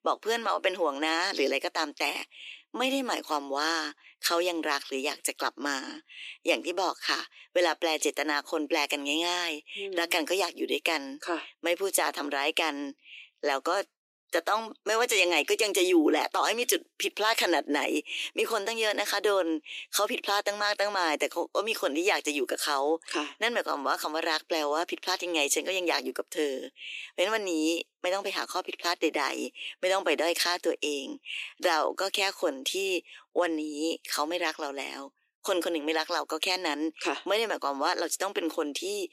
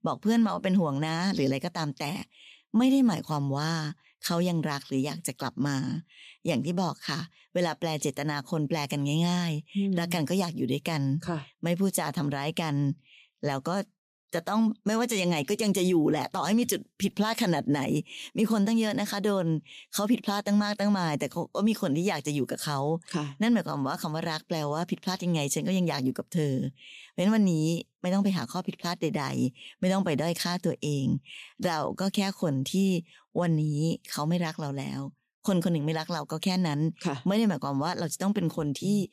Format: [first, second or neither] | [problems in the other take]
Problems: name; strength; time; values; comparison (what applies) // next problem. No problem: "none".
second | thin; very; fading below 300 Hz